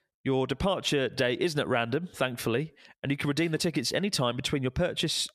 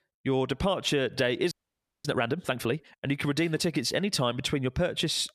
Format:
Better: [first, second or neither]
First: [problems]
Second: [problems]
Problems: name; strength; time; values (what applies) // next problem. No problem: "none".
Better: first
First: none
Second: audio freezing; at 1.5 s for 0.5 s